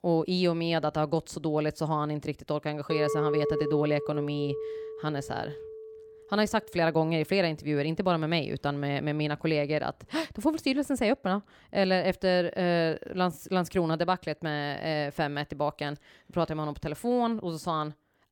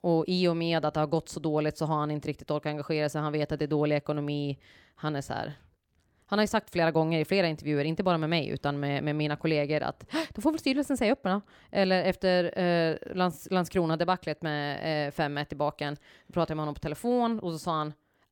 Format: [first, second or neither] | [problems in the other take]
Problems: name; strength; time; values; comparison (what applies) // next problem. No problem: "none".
second | clattering dishes; loud; from 3 to 6 s; peak level with the speech